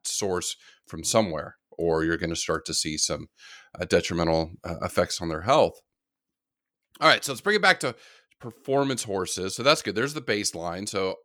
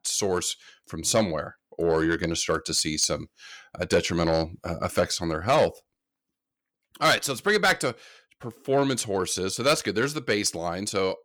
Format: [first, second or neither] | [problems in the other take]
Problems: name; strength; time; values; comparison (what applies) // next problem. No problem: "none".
first | distortion; slight; 10 dB below the speech